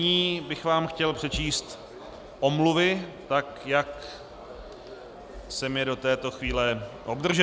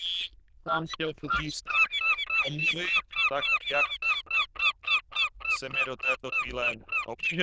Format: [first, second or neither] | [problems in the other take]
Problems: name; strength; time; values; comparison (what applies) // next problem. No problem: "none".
first | noise reduction (neural diffusion model UNIVERSE++)